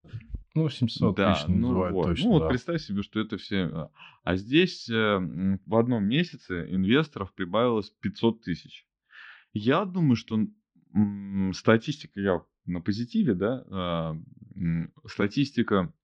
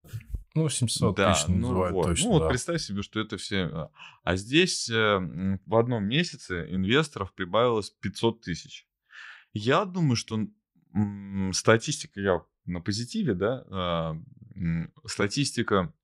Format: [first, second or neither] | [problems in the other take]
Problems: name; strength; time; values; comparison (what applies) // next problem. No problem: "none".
second | muffled; slightly; fading above 4.5 kHz